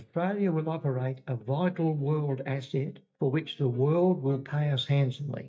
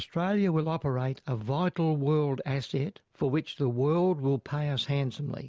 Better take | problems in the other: second | noise reduction (neural mask model DeepFilterNet 3)

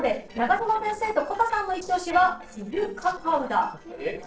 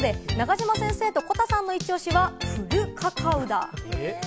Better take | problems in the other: second | noise reduction (neural separator model SepFormer DNS4)

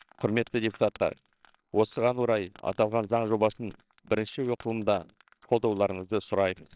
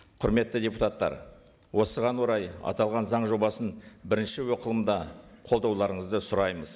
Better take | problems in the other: second | noise reduction (neural separator model SepFormer WHAMR!)

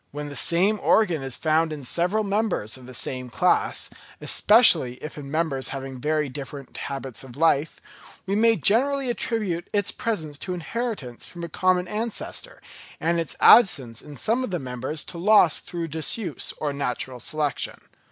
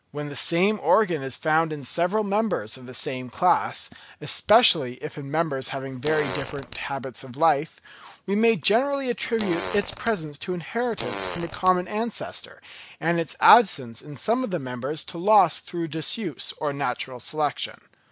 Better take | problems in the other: first | background sound (Fart); 10 dB below the speech

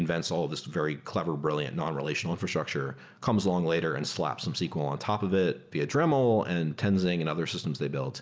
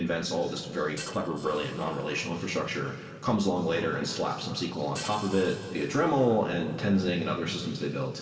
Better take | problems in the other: first | noise reduction (neural separator model SepFormer DNS4)

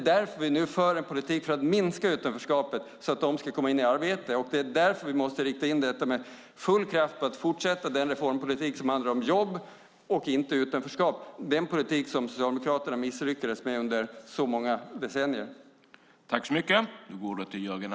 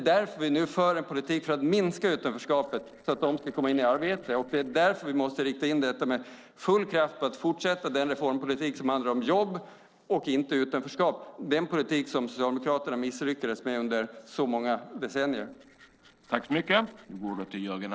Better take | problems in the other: first | noise reduction (neural separator model SepFormer DNS4)

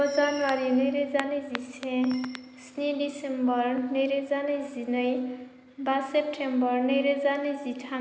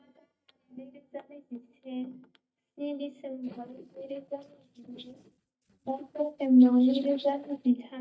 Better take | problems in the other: first | noise reduction (neural mask model DeepFilterNet 3)

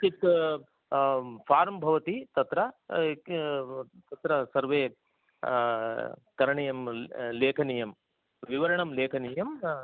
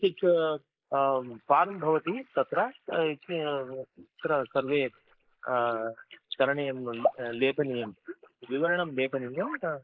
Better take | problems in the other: first | noise reduction (neural mask model Resemble Enhance denoiser)

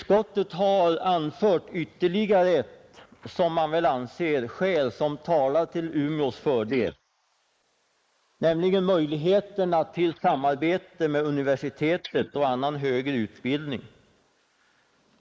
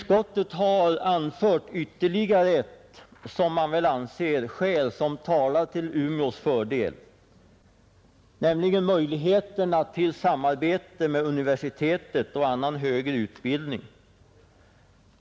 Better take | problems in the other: second | noise reduction (neural mask model Resemble Enhance denoiser)

